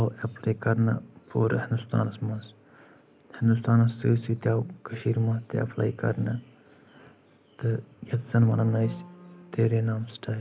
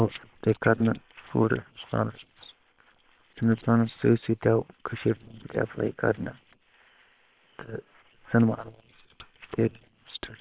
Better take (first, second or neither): first